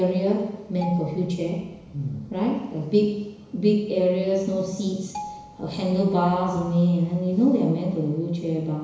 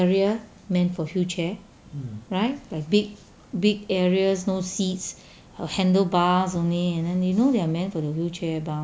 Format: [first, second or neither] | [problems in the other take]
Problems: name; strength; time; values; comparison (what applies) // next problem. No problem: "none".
second | background sound (Marimba, xylophone); 17 dB below the speech // room echo; dies away in 1 s